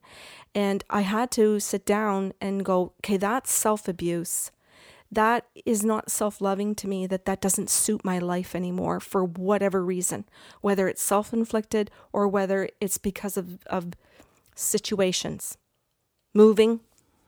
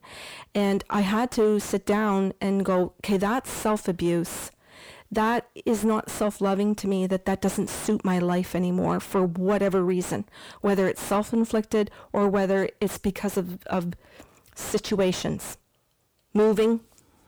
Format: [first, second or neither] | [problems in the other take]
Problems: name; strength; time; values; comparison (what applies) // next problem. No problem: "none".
first | distortion; heavy; 7 dB below the speech